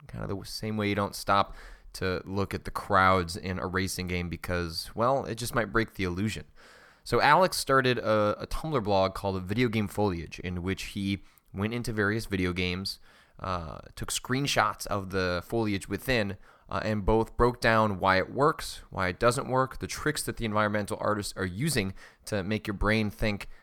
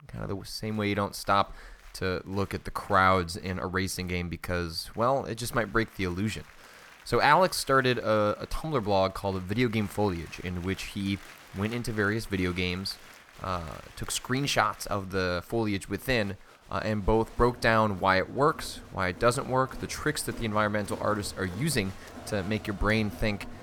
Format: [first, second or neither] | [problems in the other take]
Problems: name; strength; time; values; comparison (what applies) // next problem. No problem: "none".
first | crowd noise; faint; throughout; 20 dB below the speech